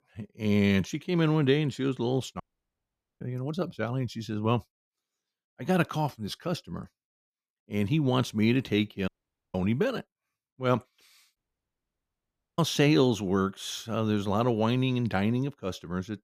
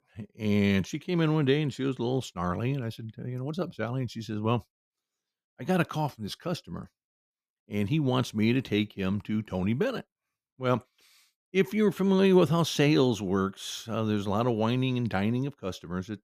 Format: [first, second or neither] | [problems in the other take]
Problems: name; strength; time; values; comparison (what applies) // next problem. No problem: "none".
second | audio cutting out; at 2.5 s for 1 s, at 9 s and at 11 s for 1 s